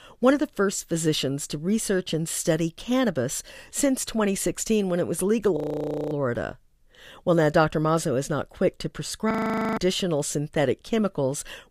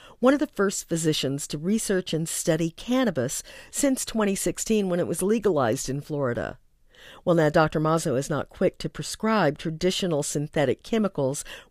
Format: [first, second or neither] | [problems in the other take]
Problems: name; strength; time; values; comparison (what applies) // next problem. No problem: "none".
second | audio freezing; at 5.5 s for 0.5 s and at 9.5 s